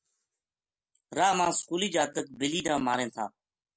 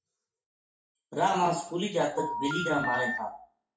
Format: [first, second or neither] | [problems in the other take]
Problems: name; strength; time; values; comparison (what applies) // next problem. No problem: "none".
first | noise reduction (classical method WPE with log-MMSE)